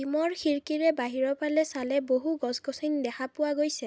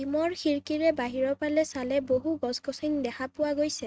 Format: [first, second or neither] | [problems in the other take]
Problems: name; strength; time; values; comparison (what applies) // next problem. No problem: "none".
first | noise reduction (neural mask model RNNoise)